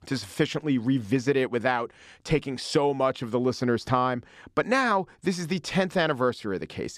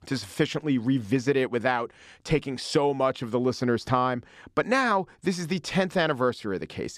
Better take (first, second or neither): neither